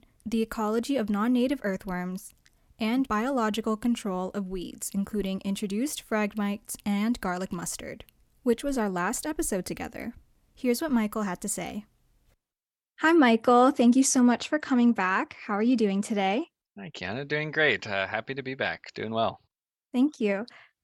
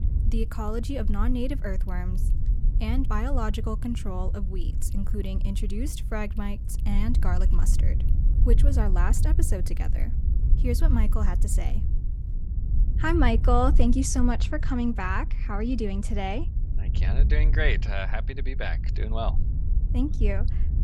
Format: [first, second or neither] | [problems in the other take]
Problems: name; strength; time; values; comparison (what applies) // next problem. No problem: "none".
first | wind noise on the microphone; occasional gusts; 15 dB below the speech